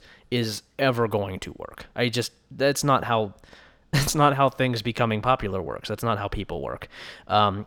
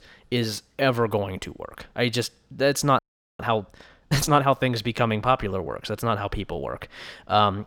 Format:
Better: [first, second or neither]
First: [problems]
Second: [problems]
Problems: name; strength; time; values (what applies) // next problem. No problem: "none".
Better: first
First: none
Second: audio freezing; at 3 s